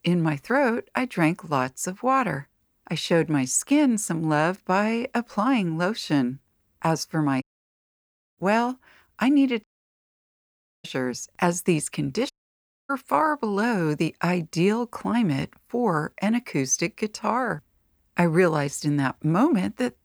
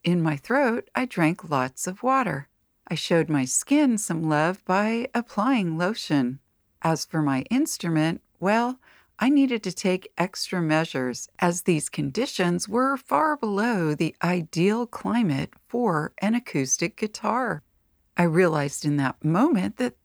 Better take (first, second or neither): second